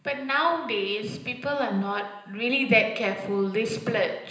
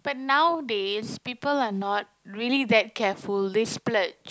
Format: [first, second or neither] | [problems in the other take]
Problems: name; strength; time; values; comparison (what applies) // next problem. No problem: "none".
second | room echo; dies away in 0.9 s